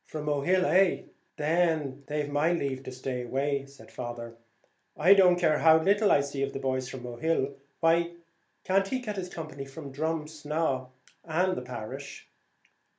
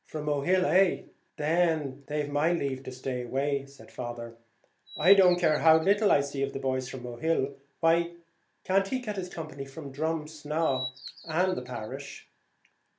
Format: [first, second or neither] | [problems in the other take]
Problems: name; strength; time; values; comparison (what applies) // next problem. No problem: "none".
first | background sound (Bird vocalization, bird call, bird song); 13 dB below the speech